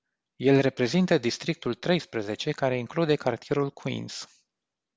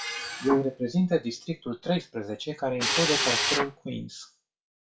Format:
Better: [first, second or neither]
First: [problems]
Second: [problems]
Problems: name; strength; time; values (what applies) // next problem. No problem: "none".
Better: first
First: none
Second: noise reduction (classical method WPE with log-MMSE)